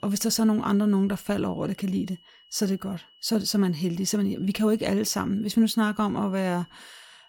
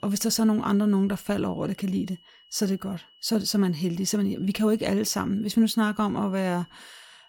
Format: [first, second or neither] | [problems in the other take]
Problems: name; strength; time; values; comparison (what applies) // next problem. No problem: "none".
neither | high-pitched whine; faint; throughout; 3 kHz, 30 dB below the speech; the same in both